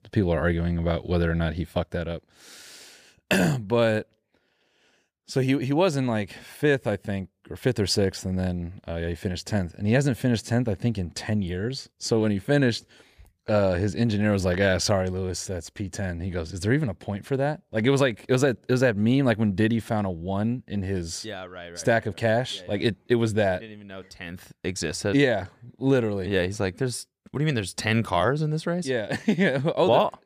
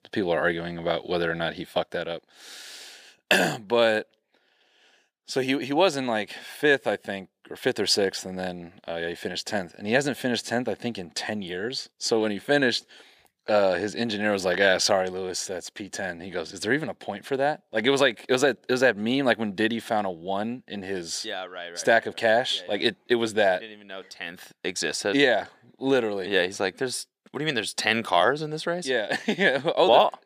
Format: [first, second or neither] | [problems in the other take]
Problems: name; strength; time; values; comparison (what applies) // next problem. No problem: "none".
first | thin; somewhat; fading below 300 Hz